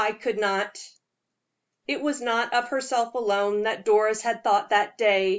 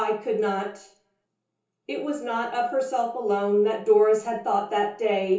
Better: first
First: none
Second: room echo; dies away in 0.6 s

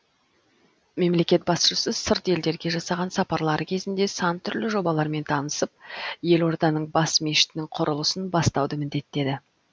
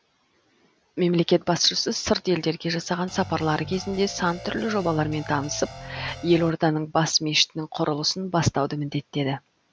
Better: first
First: none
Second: background sound (Guitar); 13 dB below the speech

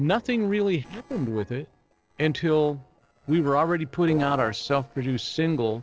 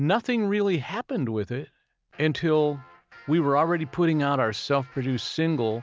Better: second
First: noise reduction (neural separator model SepFormer DNS4)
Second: none

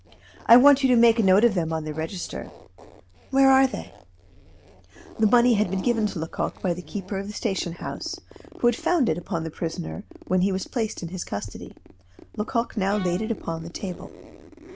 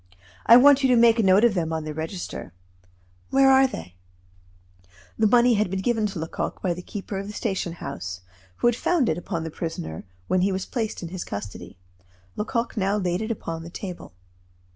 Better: second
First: background sound (Bowed string instrument + Zipper (clothing)); 20 dB below the speech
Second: none

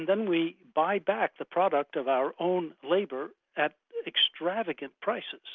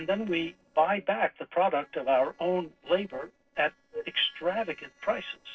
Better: first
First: none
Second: noise reduction (neural separator model SepFormer DNS4)

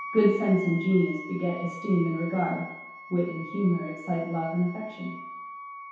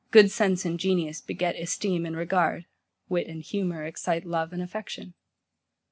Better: second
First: background sound (Wind instrument, woodwind instrument); 13 dB below the speech // room echo; dies away in 0.8 s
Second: none

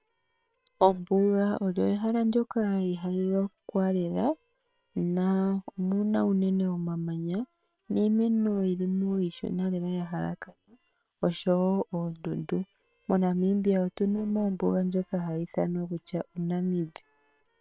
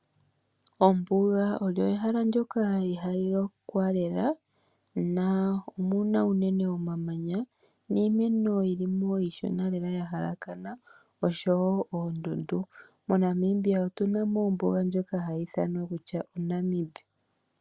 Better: second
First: noise reduction (neural separator model SepFormer WHAM!)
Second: none

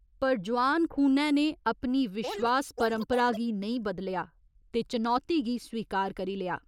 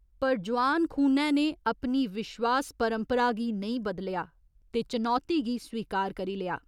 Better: second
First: noise reduction (neural mask model Resemble Enhance denoiser)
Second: none

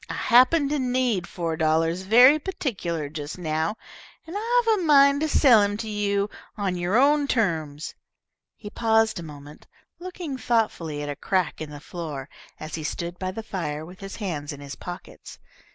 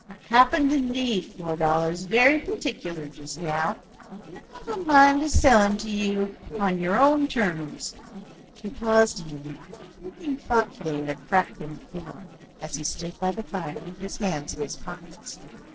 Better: first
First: none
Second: noise reduction (neural separator model SepFormer DNS4)

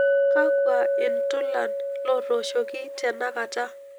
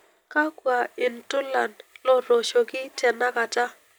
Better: second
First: background sound (Chink, clink); 4 dB above the speech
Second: none

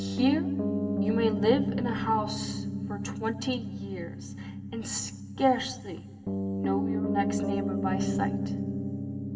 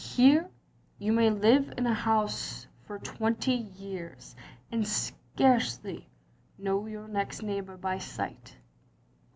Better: second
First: background sound (Piano); 1 dB above the speech // room echo; dies away in 1.6 s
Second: none

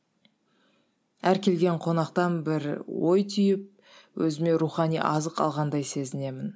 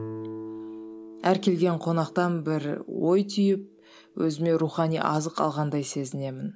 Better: first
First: none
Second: background sound (Guitar); 17 dB below the speech

